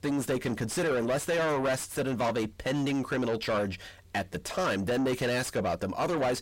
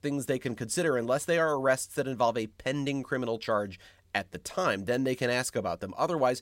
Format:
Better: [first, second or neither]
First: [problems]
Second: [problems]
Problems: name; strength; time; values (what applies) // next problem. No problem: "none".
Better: second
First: distortion; heavy; 6 dB below the speech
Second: none